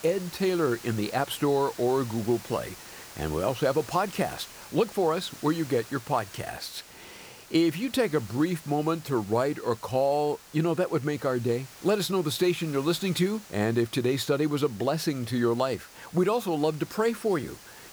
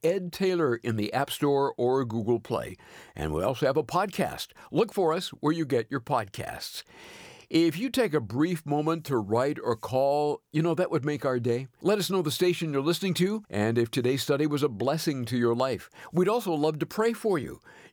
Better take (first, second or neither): second